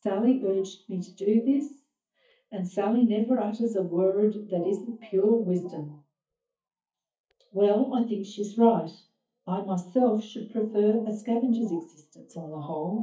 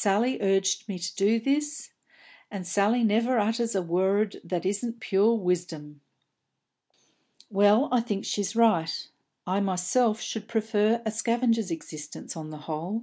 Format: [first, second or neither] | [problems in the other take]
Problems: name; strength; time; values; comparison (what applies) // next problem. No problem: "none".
second | noise reduction (neural mask model DeepFilterNet 3)